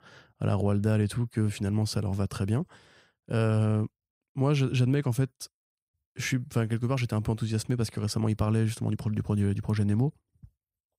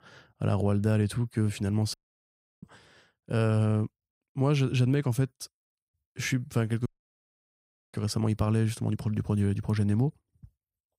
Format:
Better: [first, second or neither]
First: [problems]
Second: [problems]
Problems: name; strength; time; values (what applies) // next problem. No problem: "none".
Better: first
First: none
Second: audio cutting out; at 2 s for 0.5 s and at 7 s for 1 s